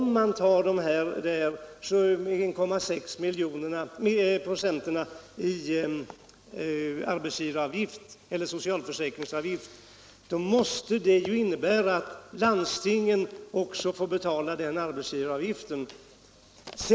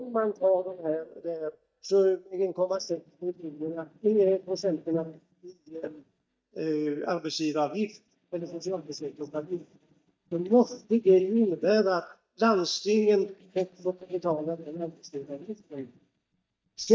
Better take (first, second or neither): first